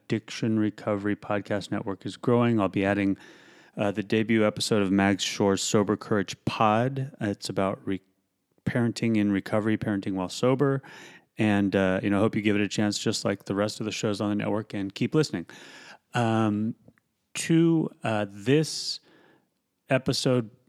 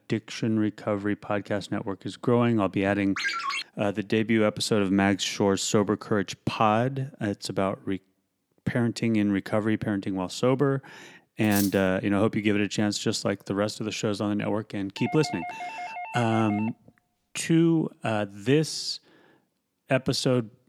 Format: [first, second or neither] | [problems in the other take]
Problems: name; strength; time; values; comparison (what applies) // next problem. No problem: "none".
first | phone ringing; noticeable; at 3 s; peak 1 dB below the speech // clattering dishes; noticeable; at 11 s; peak 6 dB below the speech // doorbell; noticeable; from 15 to 17 s; peak 9 dB below the speech